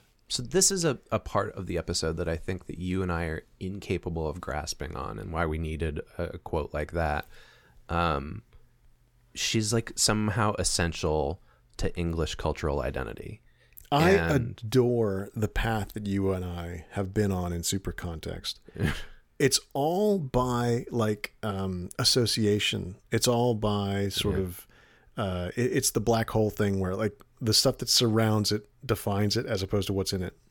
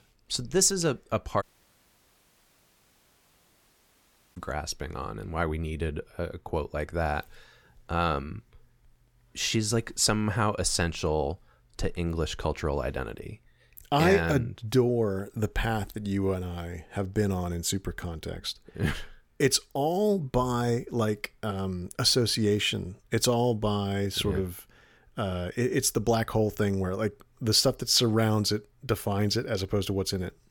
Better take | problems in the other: first | audio cutting out; at 1.5 s for 3 s

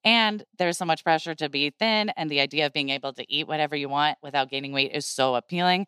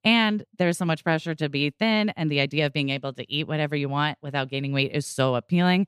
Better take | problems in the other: second | thin; somewhat; fading below 250 Hz

